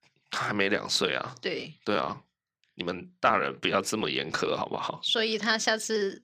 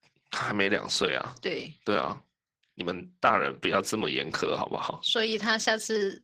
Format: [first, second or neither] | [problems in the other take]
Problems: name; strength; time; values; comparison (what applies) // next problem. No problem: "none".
first | garbled, watery; slightly; nothing above 15 kHz